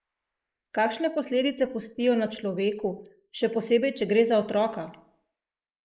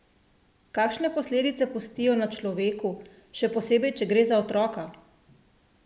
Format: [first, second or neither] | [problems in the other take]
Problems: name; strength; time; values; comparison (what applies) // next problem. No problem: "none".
second | noise reduction (neural mask model Resemble Enhance denoiser)